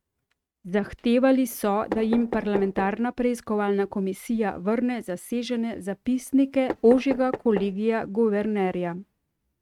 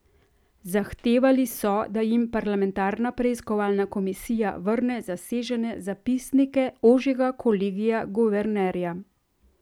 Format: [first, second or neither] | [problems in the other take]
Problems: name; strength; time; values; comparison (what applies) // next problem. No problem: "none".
second | noise reduction (neural mask model RNNoise)